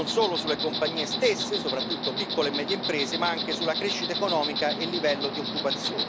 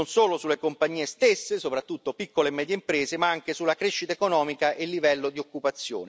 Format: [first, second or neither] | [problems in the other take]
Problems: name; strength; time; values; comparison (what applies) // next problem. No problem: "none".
second | background sound (Insect); 1 dB below the speech